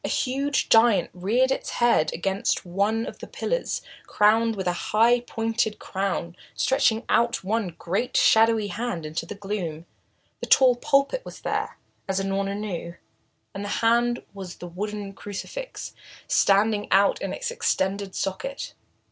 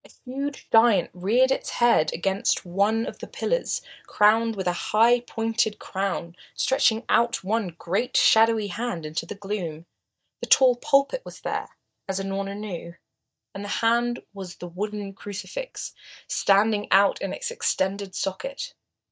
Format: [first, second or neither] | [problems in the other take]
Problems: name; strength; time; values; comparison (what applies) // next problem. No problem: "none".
first | noise reduction (neural mask model DeepFilterNet 3)